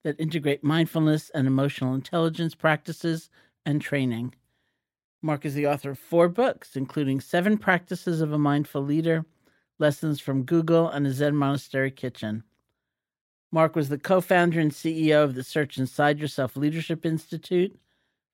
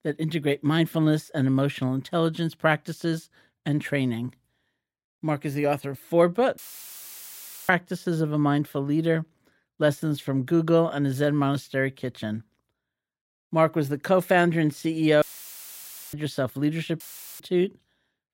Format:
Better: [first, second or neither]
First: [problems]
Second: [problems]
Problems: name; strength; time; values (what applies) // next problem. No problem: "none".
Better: first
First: none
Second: audio cutting out; filled with static; at 6.5 s for 1 s, at 15 s for 1 s and at 17 s